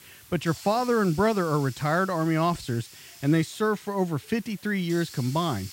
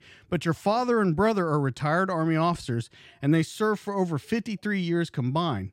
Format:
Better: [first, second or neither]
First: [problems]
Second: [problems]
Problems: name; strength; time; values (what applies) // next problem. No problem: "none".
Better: second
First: hiss; noticeable; throughout; 20 dB below the speech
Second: none